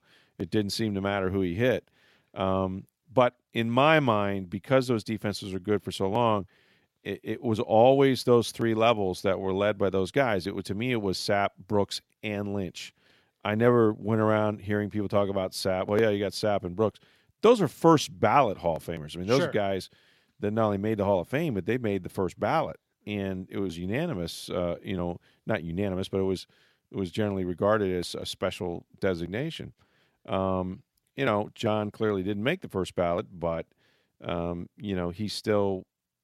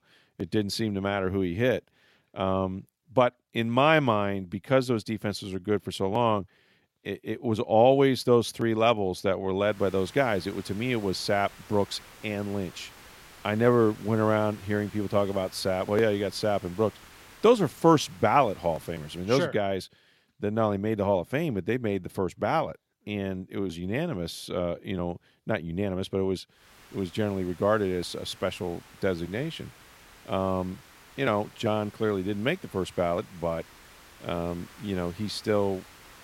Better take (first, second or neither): first